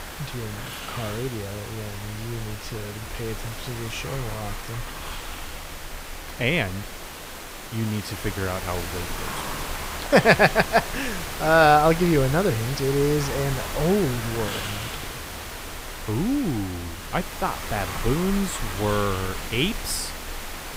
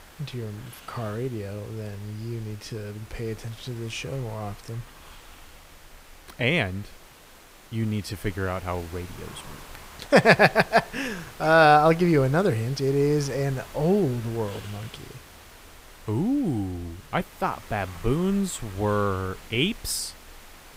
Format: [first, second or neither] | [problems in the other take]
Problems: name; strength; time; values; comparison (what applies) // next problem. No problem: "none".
second | hiss; loud; throughout; 8 dB below the speech; faint in the second